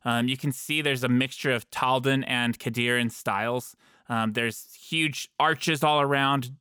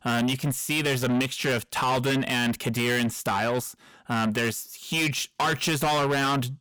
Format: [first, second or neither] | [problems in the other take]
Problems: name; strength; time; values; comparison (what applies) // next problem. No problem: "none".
first | distortion; heavy; 7 dB below the speech